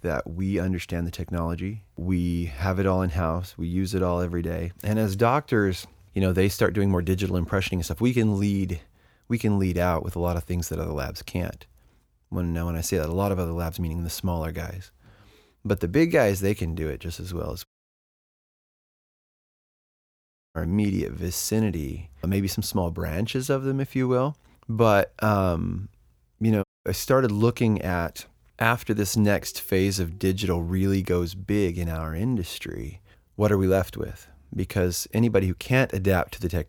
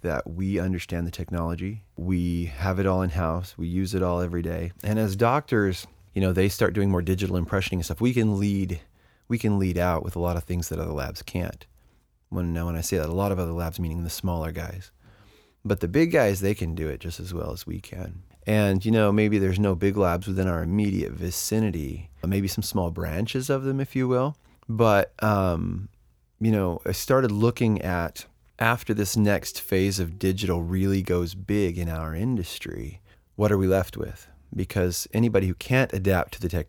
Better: second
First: audio cutting out; at 18 s for 3 s and at 27 s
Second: none

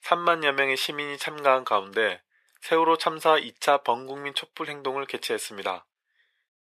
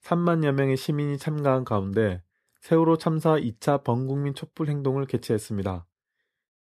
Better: second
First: thin; very; fading below 750 Hz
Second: none

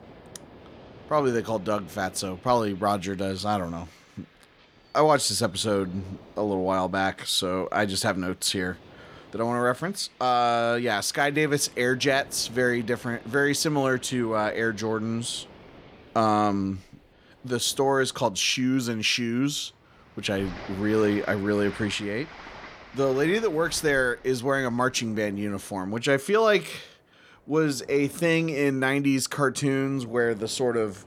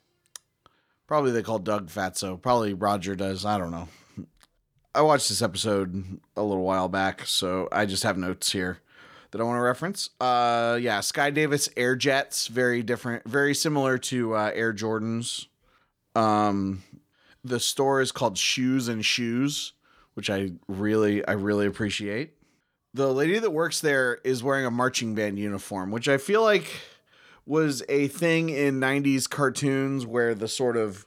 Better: second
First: train or aircraft noise; faint; throughout; 20 dB below the speech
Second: none

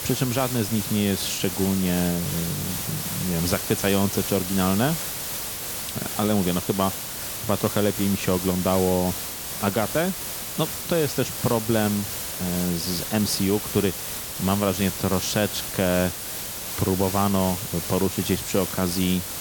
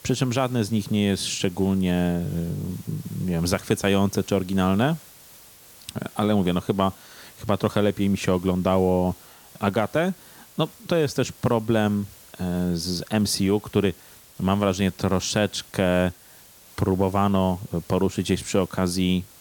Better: second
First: hiss; loud; throughout; 4 dB below the speech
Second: hiss; faint; throughout; 20 dB below the speech

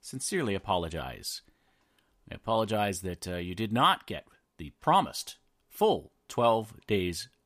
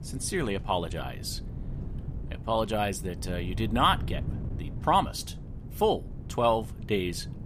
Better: first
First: none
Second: wind noise on the microphone; occasional gusts; 20 dB below the speech

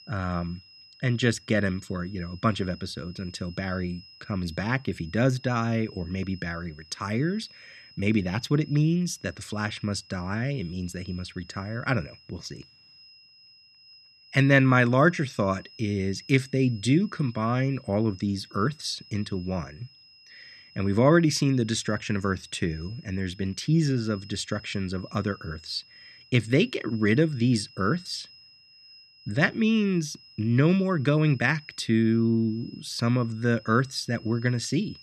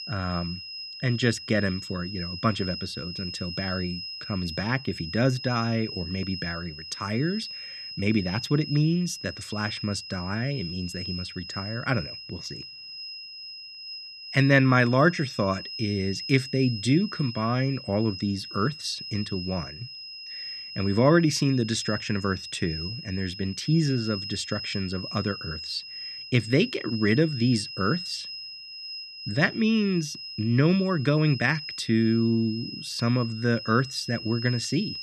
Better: first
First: high-pitched whine; faint; throughout; 5 kHz, 25 dB below the speech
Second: high-pitched whine; loud; throughout; 5 kHz, 9 dB below the speech

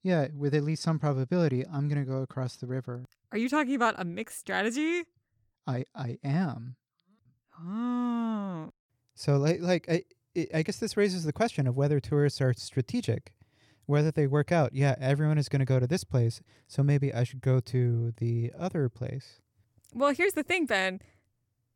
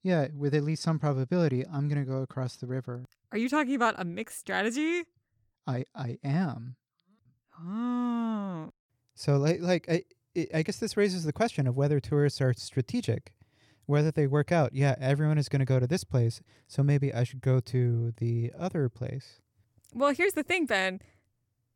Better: neither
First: none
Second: none

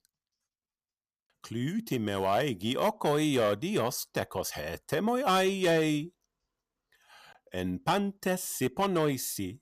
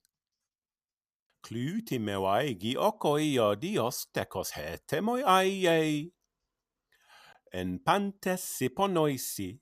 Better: second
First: distortion; slight; 3% of the sound clipped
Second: none

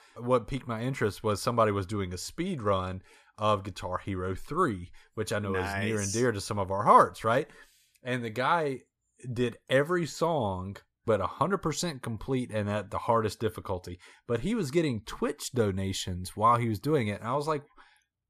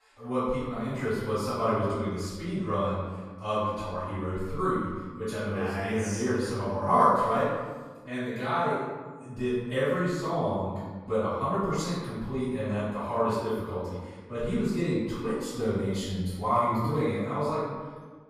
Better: first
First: none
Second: off-mic speech; far // room echo; strong; dies away in 1.4 s

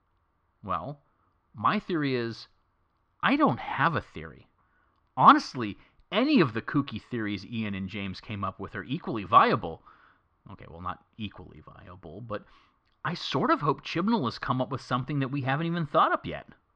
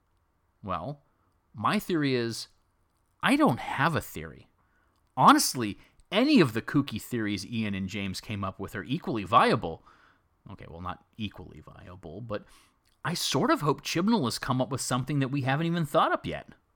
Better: second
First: muffled; slightly; fading above 4 kHz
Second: none

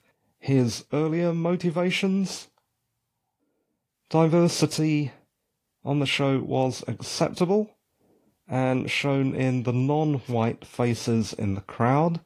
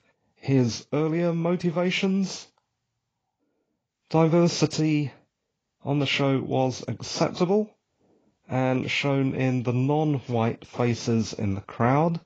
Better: first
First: garbled, watery; slightly; nothing above 18.5 kHz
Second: garbled, watery; badly

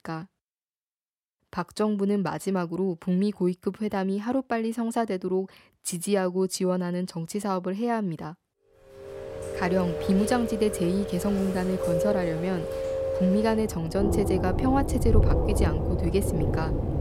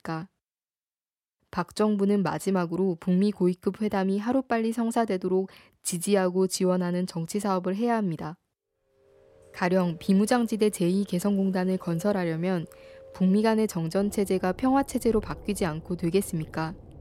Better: second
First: rain or running water; loud; from 9 s on; 1 dB below the speech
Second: rain or running water; faint; from 9 s on; 20 dB below the speech

